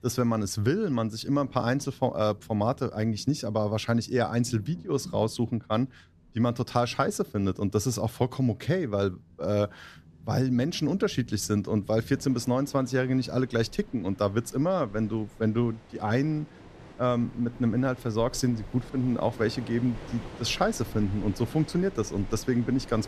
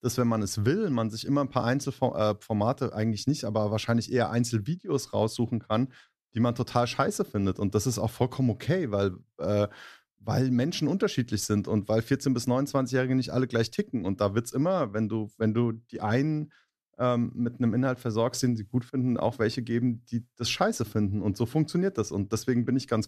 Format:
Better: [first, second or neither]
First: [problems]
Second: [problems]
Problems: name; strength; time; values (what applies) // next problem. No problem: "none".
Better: second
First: rain or running water; noticeable; throughout; 20 dB below the speech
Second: none